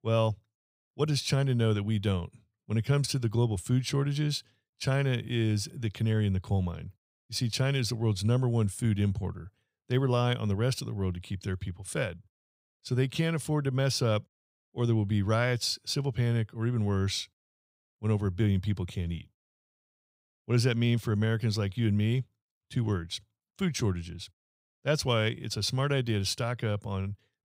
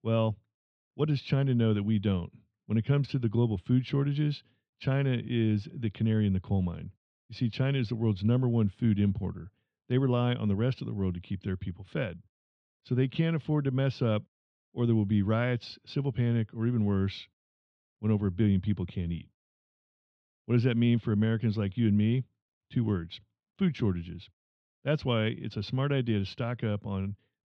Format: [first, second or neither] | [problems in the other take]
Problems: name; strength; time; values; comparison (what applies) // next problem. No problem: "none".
first | muffled; slightly; fading above 3 kHz